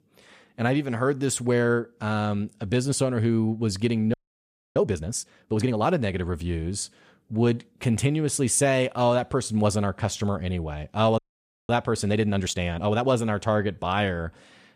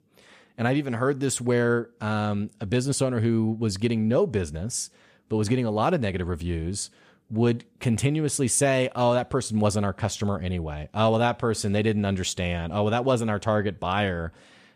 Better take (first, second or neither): second